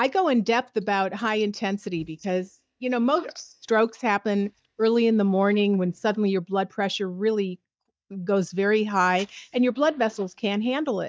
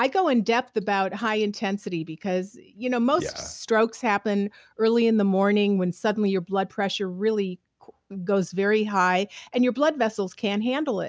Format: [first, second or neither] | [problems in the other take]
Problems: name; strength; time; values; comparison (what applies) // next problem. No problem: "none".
second | noise reduction (neural mask model DeepFilterNet 3)